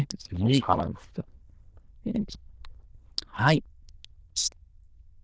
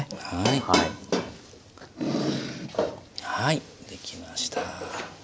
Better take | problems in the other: second | noise reduction (neural diffusion model UNIVERSE++)

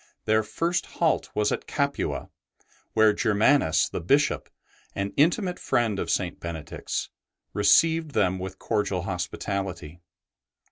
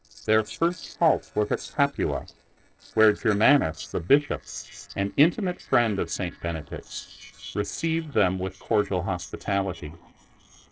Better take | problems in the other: first | noise reduction (neural separator model SepFormer DNS4)

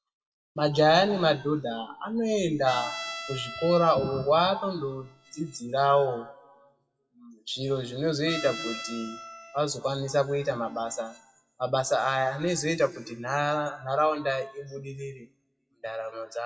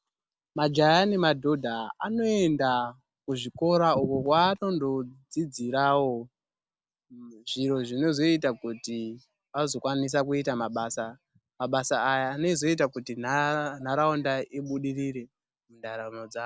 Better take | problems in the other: second | noise reduction (classical method WPE with log-MMSE)

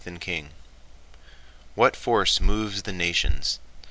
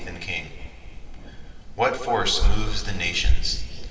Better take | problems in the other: first | background sound (Thunder); 18 dB below the speech // room echo; dies away in 2.7 s

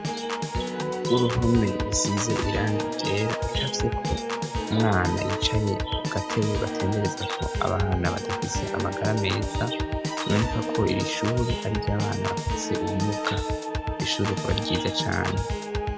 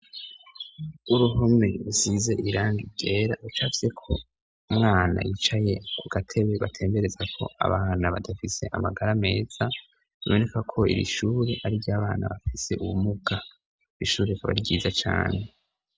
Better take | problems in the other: second | background sound (Piano / Organ); 1 dB below the speech

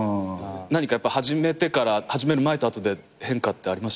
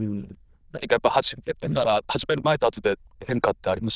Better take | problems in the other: first | noise reduction (neural diffusion model UNIVERSE++)

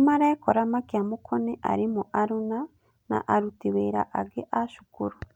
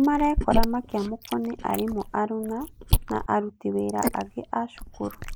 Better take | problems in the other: first | noise reduction (neural mask model Resemble Enhance denoiser)

